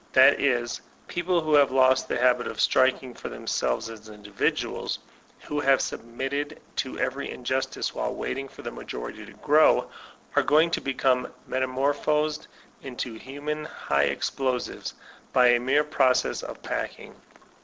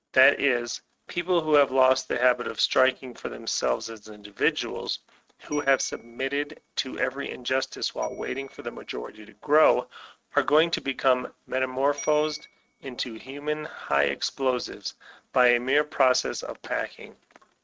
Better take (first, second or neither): first